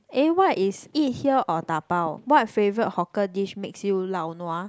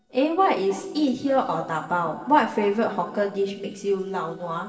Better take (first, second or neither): first